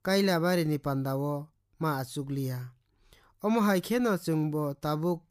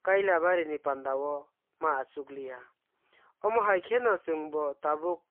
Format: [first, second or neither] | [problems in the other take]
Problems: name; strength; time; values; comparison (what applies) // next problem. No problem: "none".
first | phone-call audio; poor line; nothing above 3.5 kHz